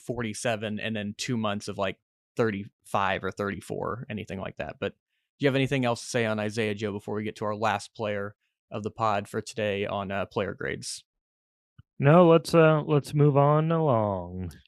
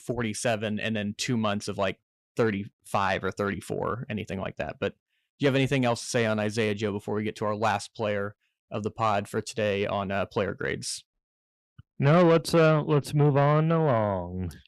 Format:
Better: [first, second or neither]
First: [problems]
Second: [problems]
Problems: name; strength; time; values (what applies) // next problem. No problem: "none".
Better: first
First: none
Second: distortion; slight; 10 dB below the speech